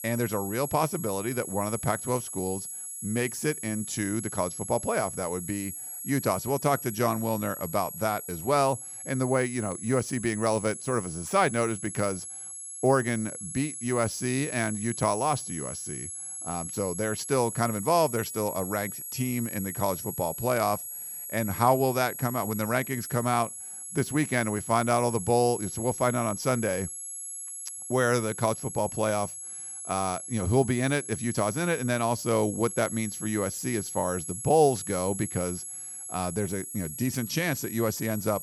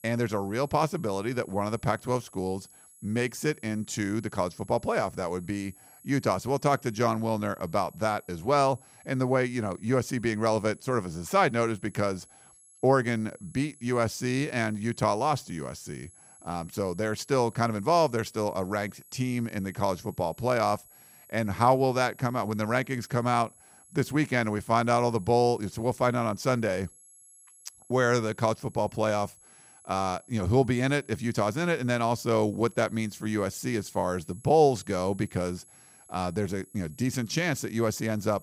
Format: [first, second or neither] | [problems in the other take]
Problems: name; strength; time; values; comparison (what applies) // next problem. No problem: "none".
second | high-pitched whine; loud; throughout; 11.5 kHz, 7 dB below the speech; faint in the second